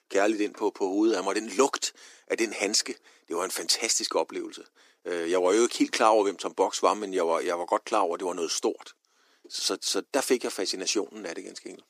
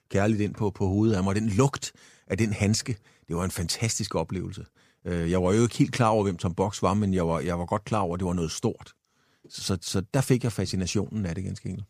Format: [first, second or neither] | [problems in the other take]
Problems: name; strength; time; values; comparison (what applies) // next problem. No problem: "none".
second | thin; somewhat; fading below 300 Hz